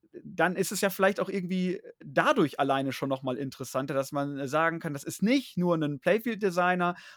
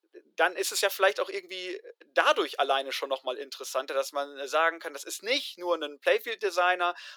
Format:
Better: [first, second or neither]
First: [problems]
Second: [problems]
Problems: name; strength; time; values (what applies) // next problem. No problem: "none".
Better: first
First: none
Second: thin; very; fading below 400 Hz